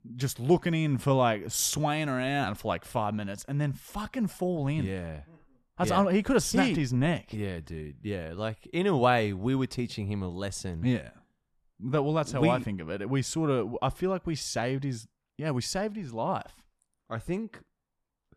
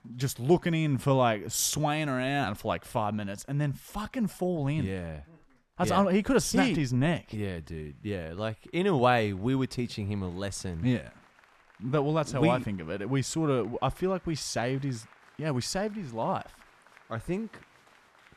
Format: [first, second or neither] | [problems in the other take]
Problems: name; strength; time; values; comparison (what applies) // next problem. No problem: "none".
first | crowd noise; faint; throughout; 30 dB below the speech